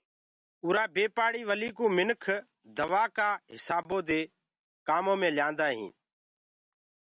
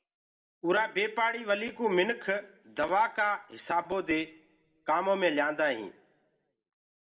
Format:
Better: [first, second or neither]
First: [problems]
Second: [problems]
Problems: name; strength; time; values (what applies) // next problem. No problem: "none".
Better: first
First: none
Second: room echo; dies away in 0.5 s